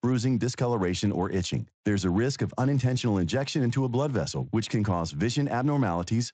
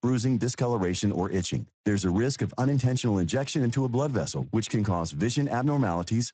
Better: first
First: garbled, watery; slightly; nothing above 7.5 kHz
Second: garbled, watery; badly; nothing above 8 kHz

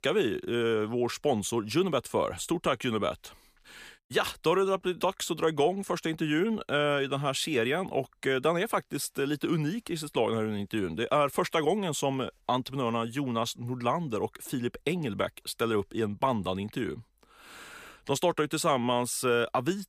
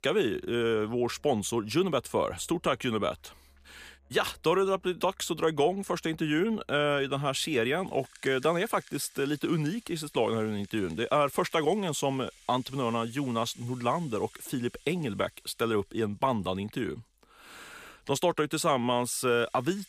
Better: first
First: none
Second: background music; faint; throughout; 25 dB below the speech

